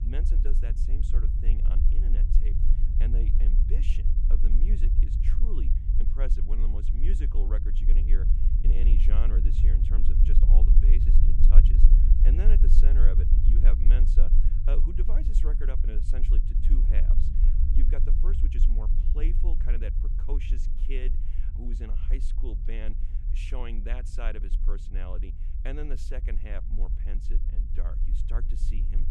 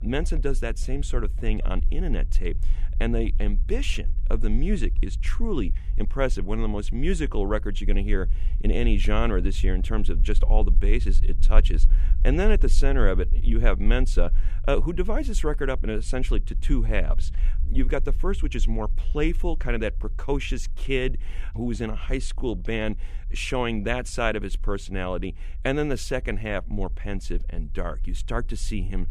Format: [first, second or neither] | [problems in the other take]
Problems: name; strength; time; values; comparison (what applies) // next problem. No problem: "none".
second | low rumble; loud; throughout; 3 dB below the speech; faint in the second